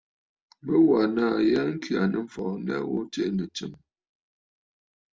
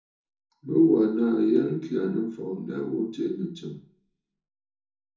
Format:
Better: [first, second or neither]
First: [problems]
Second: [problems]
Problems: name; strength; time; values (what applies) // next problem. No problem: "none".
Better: first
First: none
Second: room echo; dies away in 0.6 s